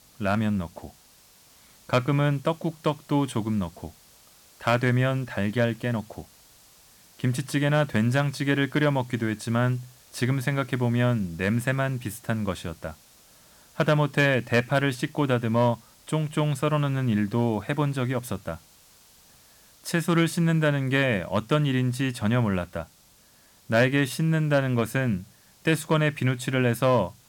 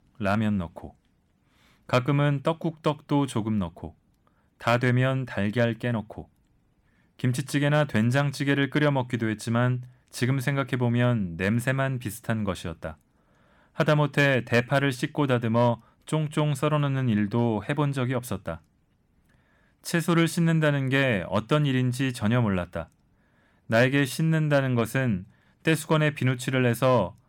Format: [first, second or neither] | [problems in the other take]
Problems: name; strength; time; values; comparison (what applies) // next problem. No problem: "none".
second | hiss; faint; throughout; 30 dB below the speech